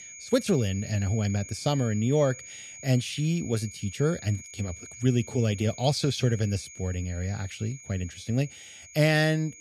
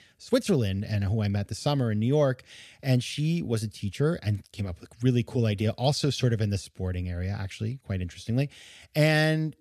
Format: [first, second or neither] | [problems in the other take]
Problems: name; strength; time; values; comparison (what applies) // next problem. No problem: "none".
second | high-pitched whine; noticeable; throughout; 6.5 kHz, 15 dB below the speech